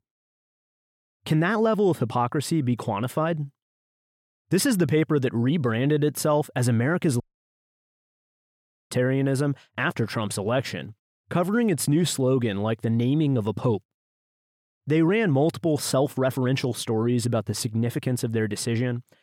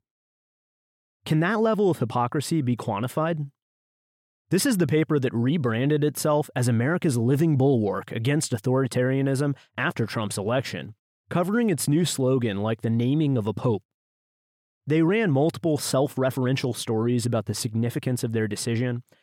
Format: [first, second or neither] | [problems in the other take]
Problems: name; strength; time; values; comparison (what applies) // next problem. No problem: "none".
second | audio cutting out; at 7 s for 1.5 s